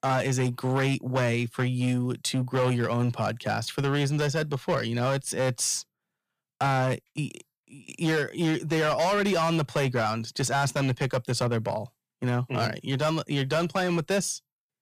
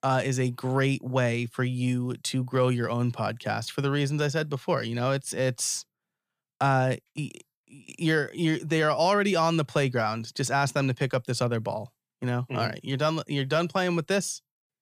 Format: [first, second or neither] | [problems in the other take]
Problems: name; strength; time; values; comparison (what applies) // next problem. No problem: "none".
second | distortion; slight; 10% of the sound clipped